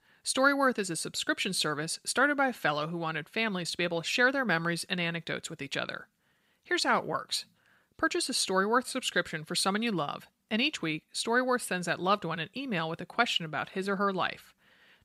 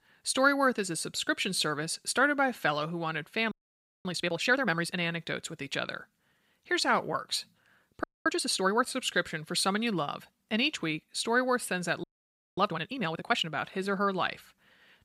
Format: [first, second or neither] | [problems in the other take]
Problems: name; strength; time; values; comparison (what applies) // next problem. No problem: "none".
first | audio freezing; at 3.5 s for 0.5 s, at 8 s and at 12 s for 0.5 s